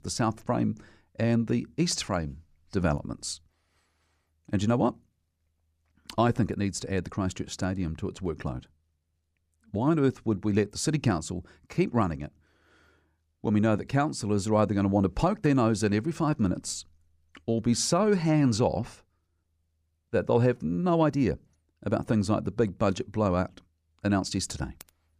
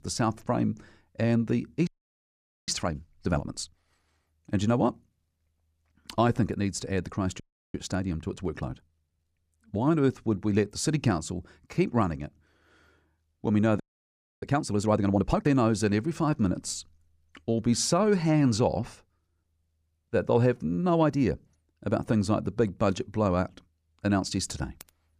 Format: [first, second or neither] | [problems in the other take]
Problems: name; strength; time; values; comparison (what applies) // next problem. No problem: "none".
first | audio freezing; at 2 s for 1 s, at 7.5 s and at 14 s for 0.5 s